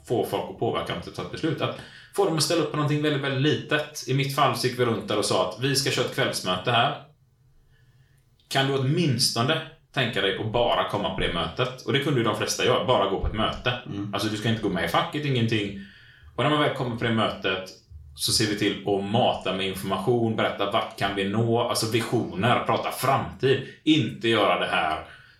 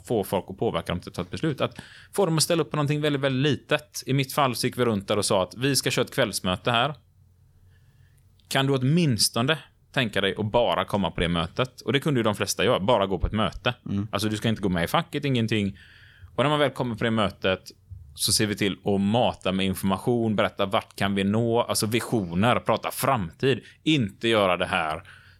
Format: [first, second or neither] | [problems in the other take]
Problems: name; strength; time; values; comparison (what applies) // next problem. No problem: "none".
second | room echo; slight; dies away in 0.4 s // off-mic speech; somewhat distant